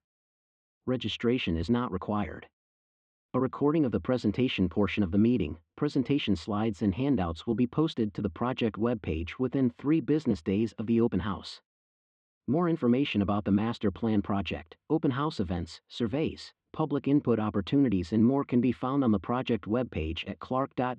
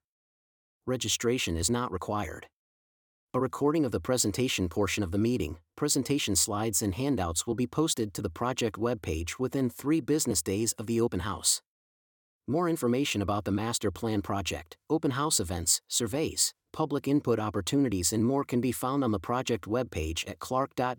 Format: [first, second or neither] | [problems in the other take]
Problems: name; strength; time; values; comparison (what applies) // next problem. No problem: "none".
second | muffled; very; fading above 3 kHz